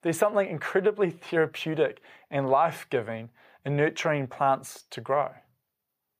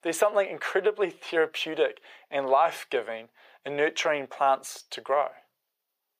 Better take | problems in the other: first | thin; somewhat; fading below 450 Hz

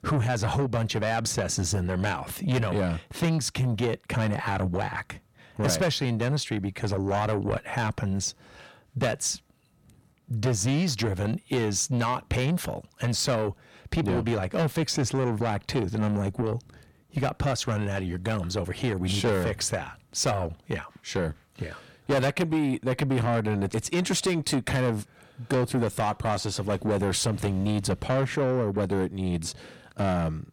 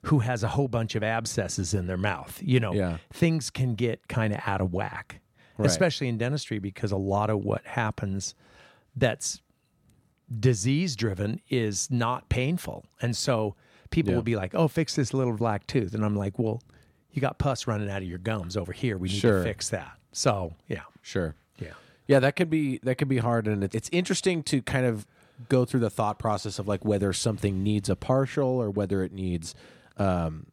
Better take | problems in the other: second | distortion; heavy; 7 dB below the speech

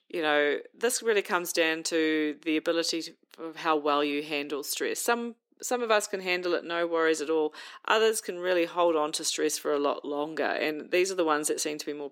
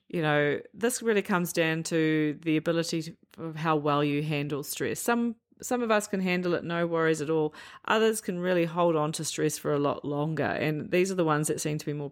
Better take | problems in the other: second | thin; somewhat; fading below 300 Hz

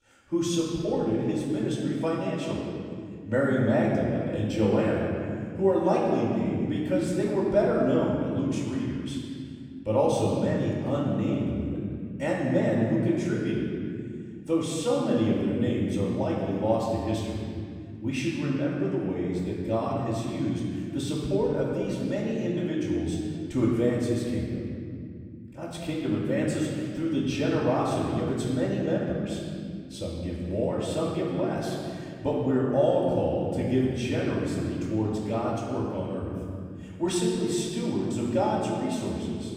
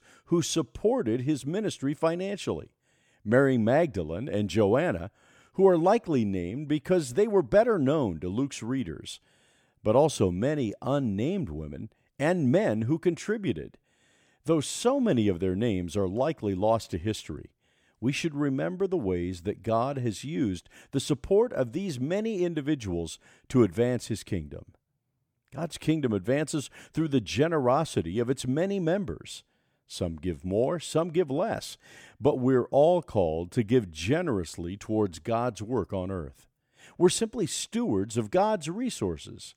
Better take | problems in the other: second | off-mic speech; far // room echo; strong; dies away in 2.3 s

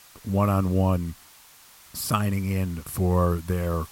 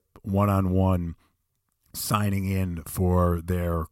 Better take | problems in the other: second | hiss; faint; throughout; 25 dB below the speech

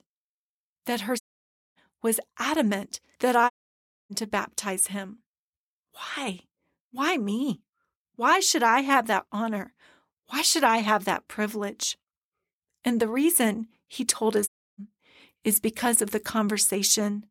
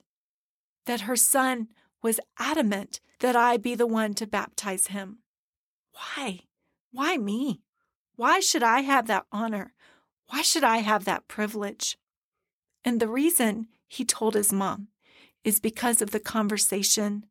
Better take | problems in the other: second | audio cutting out; at 1 s for 0.5 s, at 3.5 s for 0.5 s and at 14 s

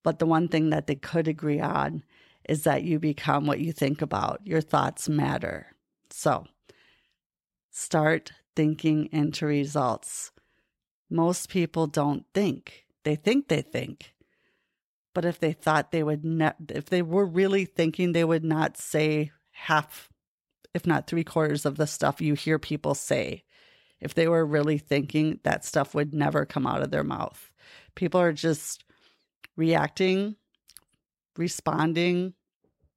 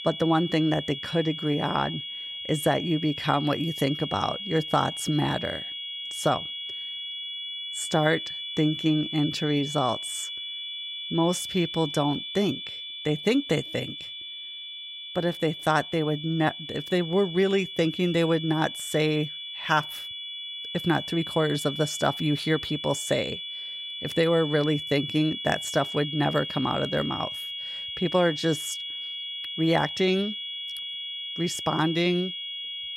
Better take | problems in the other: first | high-pitched whine; loud; throughout; 3.5 kHz, 6 dB below the speech

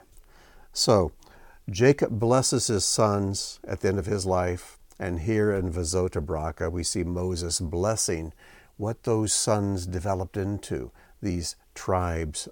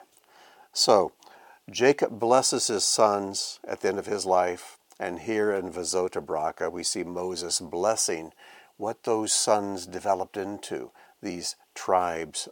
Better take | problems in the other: first | thin; somewhat; fading below 300 Hz

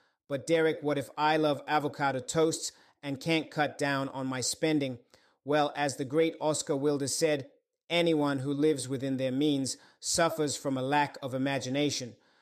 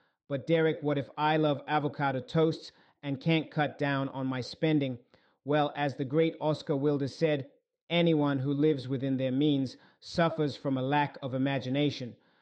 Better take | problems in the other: first | muffled; slightly; fading above 3.5 kHz

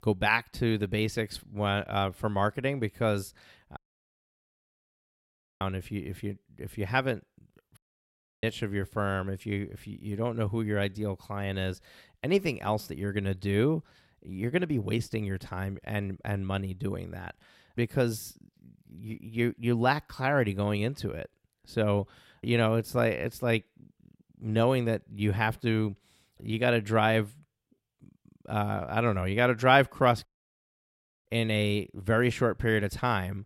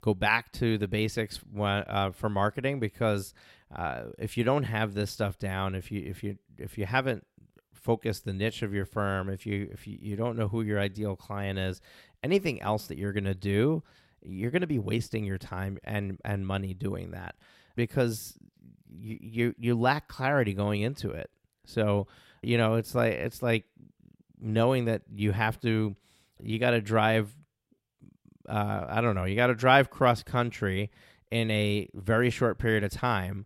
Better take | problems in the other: second | audio cutting out; at 4 s for 2 s, at 8 s for 0.5 s and at 30 s for 1 s

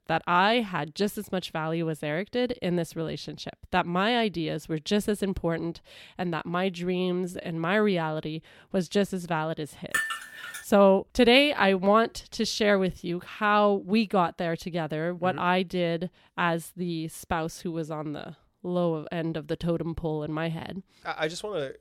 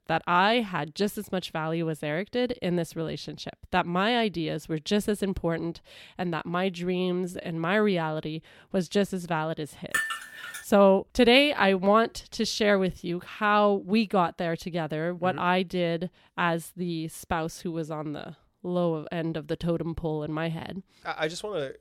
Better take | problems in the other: neither | clattering dishes; noticeable; at 10 s; peak 1 dB below the speech; the same in both

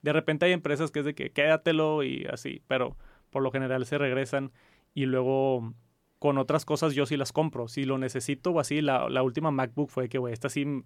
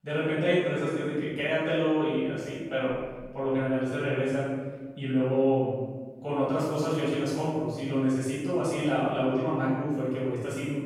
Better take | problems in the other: first | off-mic speech; far // room echo; strong; dies away in 1.3 s

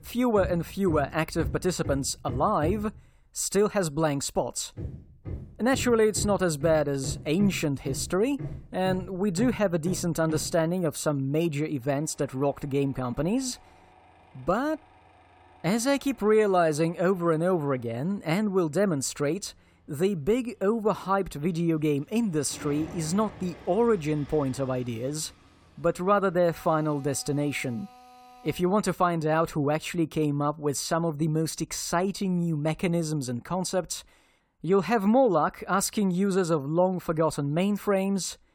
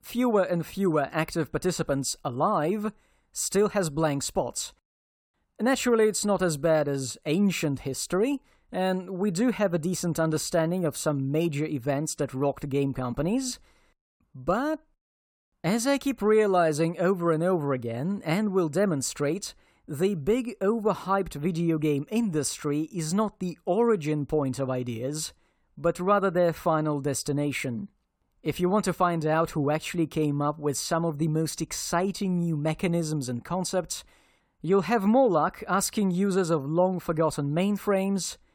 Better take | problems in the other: second | machinery noise; noticeable; until 29 s; 15 dB below the speech

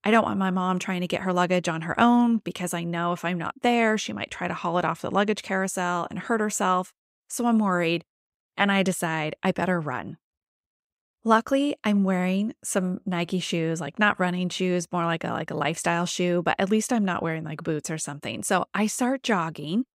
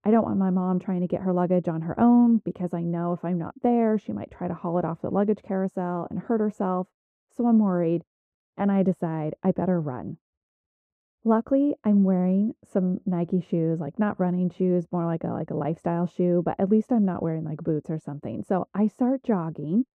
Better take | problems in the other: first | muffled; very; fading above 1.5 kHz

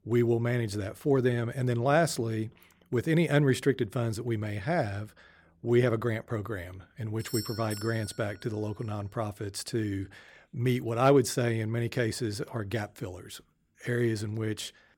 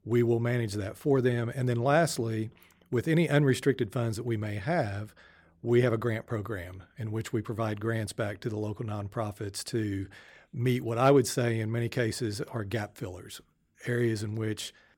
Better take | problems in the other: second | doorbell; noticeable; at 7 s; peak 8 dB below the speech

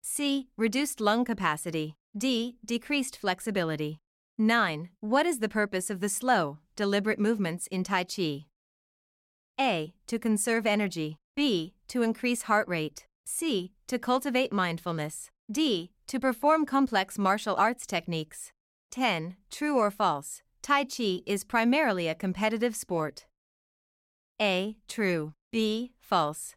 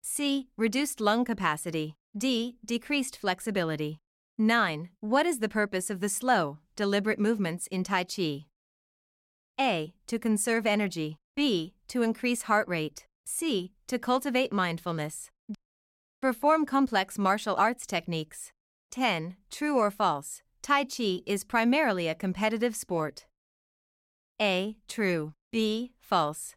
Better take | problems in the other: first | audio cutting out; at 16 s for 0.5 s

